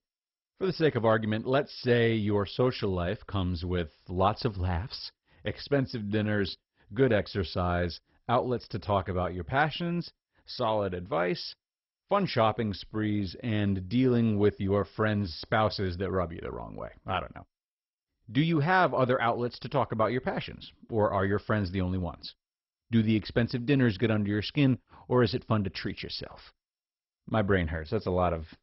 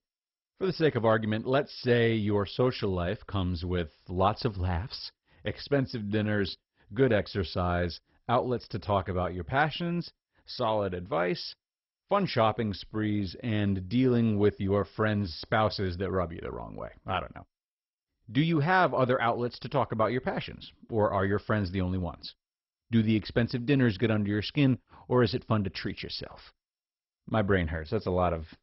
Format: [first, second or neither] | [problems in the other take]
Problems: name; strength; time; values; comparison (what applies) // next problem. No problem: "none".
neither | garbled, watery; badly; nothing above 5.5 kHz; the same in both